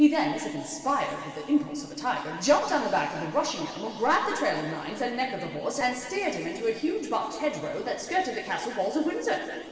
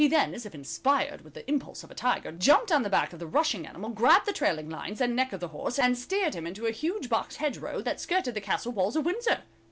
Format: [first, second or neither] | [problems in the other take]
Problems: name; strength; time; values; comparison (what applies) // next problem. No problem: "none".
second | room echo; dies away in 2.4 s